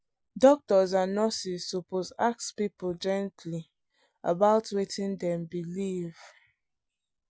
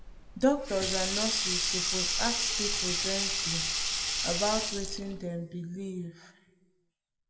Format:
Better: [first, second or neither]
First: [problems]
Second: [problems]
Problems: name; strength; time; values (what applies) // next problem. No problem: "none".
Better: first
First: none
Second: background sound (Sink (filling or washing)); 2 dB above the speech // room echo; dies away in 0.9 s